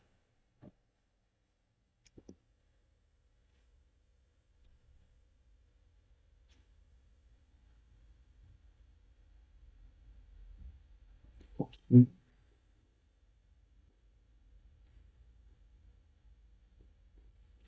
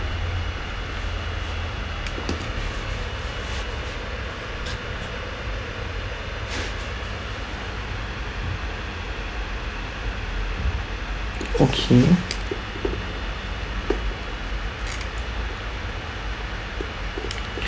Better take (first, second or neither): second